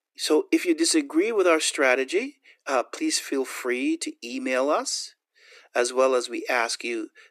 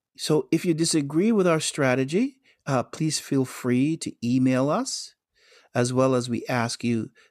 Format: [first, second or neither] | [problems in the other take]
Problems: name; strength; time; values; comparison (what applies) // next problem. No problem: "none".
second | thin; somewhat; fading below 300 Hz